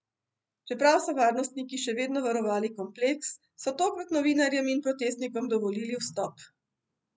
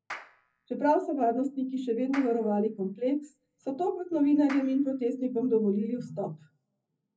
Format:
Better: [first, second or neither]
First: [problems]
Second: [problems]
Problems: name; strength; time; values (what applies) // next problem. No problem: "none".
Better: first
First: none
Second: background sound (Clapping); 20 dB below the speech // room echo; dies away in 0.3 s